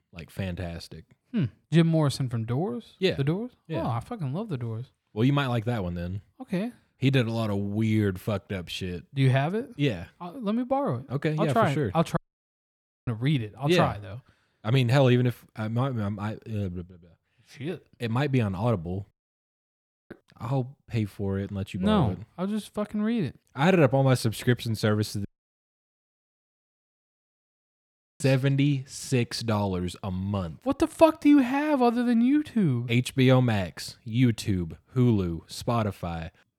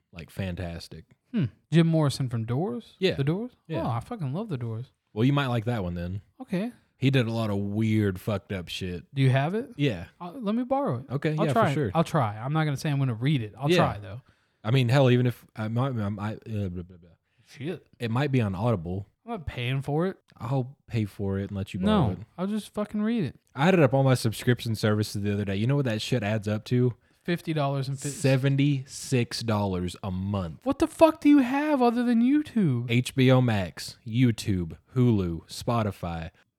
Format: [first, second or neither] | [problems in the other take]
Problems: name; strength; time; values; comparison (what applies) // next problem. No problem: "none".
second | audio cutting out; at 12 s for 1 s, at 19 s for 1 s and at 25 s for 3 s